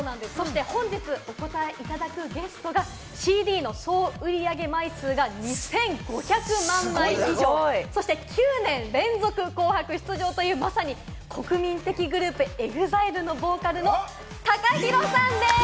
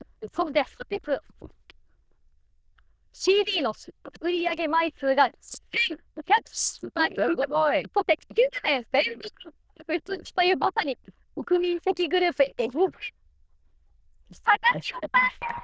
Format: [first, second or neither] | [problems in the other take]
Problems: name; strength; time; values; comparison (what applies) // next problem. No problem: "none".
first | noise reduction (neural diffusion model UNIVERSE++)